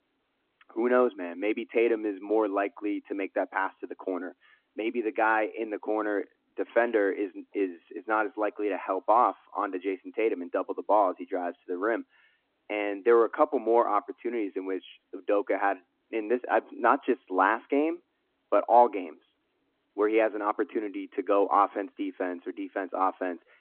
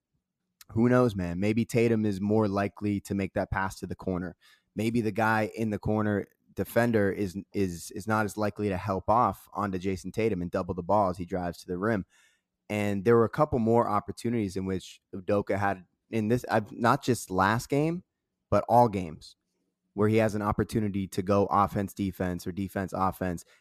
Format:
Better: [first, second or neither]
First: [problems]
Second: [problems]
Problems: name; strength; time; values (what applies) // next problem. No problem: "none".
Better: second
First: phone-call audio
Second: none